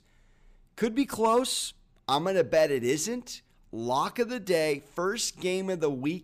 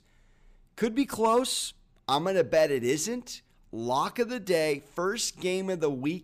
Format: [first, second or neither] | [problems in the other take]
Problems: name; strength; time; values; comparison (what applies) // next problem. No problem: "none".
neither | none